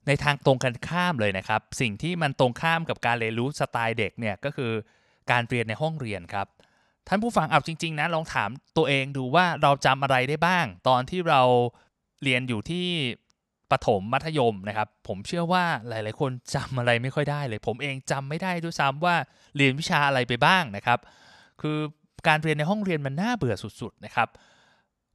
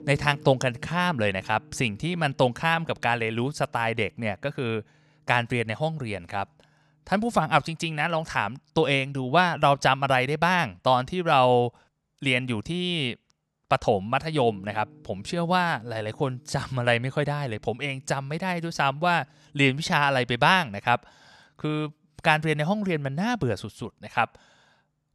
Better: first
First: none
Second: background music; faint; throughout; 30 dB below the speech

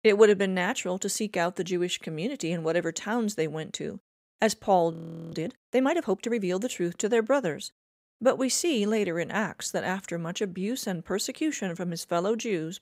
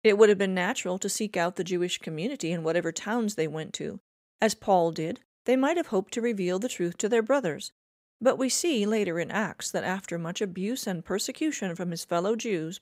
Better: second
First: audio freezing; at 5 s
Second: none

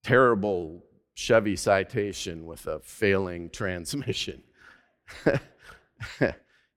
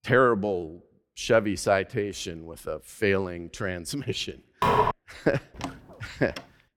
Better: first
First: none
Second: clattering dishes; loud; at 4.5 s; peak 5 dB above the speech // door banging; faint; at 5.5 s; peak 10 dB below the speech

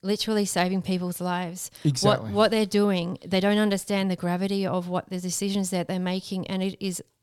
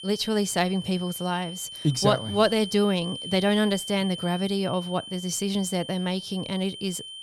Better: first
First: none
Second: high-pitched whine; noticeable; throughout; 3 kHz, 10 dB below the speech

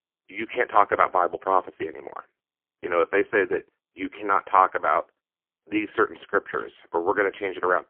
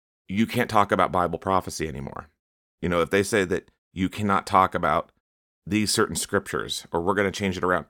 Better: second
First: phone-call audio; poor line; nothing above 3 kHz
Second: none

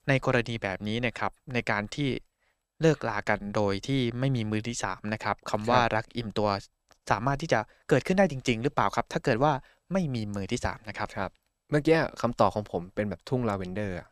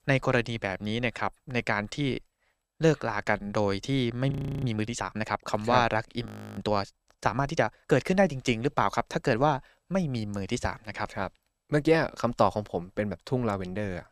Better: first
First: none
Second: audio freezing; at 4.5 s and at 6.5 s

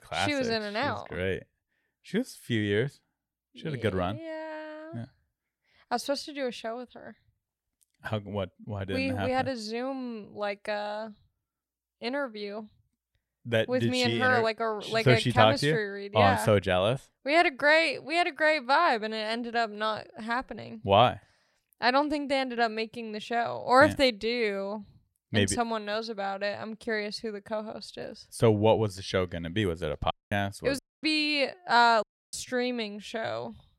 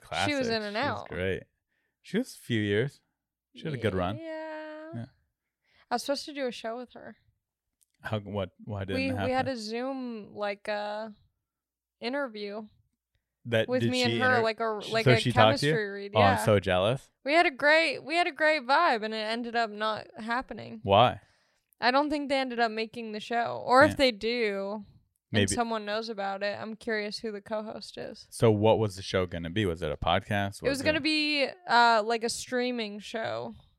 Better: second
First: audio cutting out; at 30 s, at 31 s and at 32 s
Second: none

